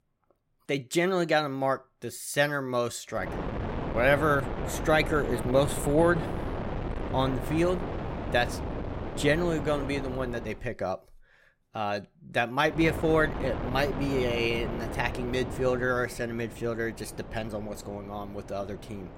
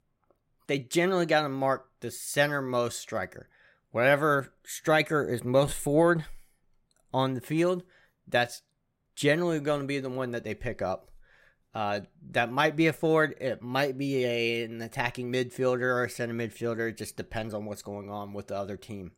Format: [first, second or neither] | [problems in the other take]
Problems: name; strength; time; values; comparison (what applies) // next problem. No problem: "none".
second | wind noise on the microphone; heavy; from 3 to 11 s and from 13 s on; 9 dB below the speech